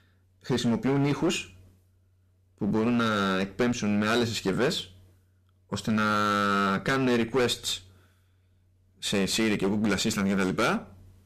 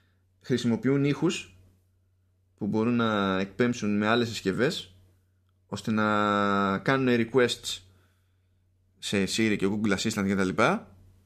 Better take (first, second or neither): second